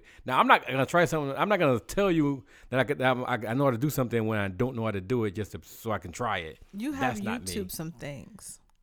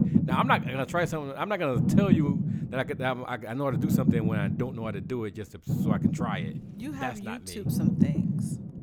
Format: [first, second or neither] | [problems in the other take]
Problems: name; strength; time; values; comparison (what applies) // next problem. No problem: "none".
first | low rumble; loud; throughout; 4 dB below the speech